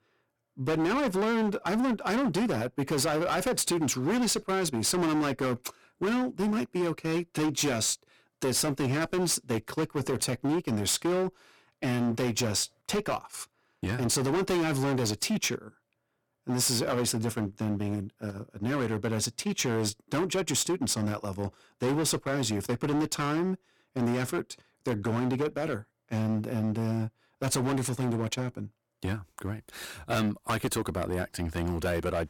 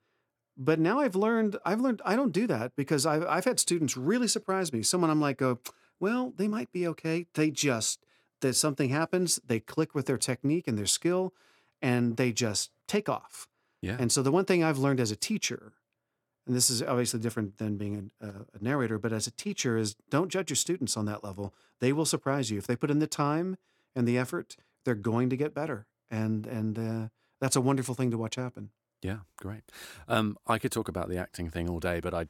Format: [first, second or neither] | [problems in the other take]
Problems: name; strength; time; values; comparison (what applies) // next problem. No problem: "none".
second | distortion; heavy; 17% of the sound clipped